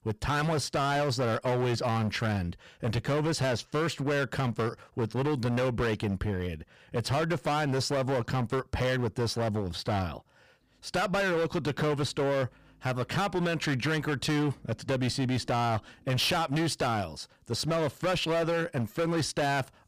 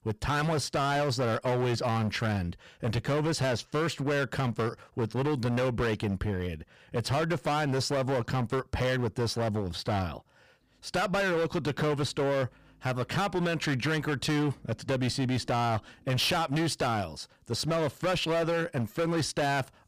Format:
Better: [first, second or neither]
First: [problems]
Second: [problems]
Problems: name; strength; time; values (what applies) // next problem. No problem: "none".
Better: neither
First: distortion; heavy; 20% of the sound clipped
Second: distortion; heavy; 20% of the sound clipped